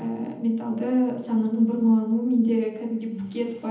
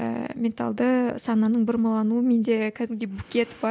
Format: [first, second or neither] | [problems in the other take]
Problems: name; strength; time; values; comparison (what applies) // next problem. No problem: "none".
second | room echo; dies away in 1.3 s